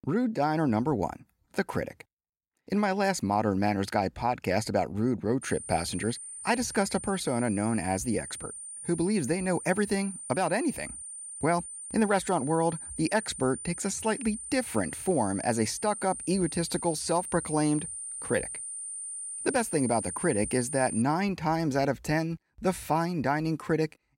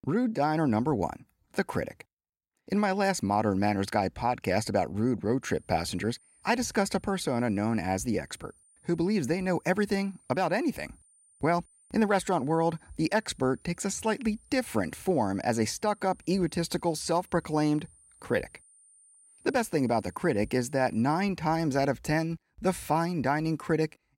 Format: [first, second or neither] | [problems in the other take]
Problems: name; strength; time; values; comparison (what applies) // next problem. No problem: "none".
second | high-pitched whine; loud; from 5.5 to 21 s; 9 kHz, 8 dB below the speech; faint in the second